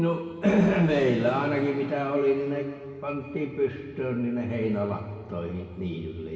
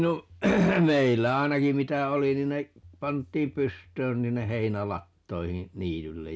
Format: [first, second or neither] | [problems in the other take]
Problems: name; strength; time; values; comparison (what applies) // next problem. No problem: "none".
second | room echo; dies away in 1.9 s